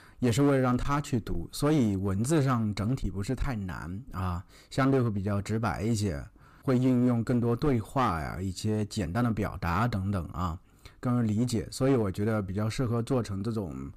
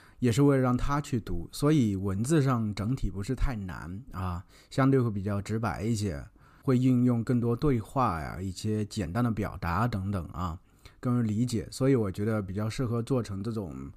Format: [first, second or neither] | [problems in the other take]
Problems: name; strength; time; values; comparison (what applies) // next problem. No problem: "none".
second | distortion; slight; 8% of the sound clipped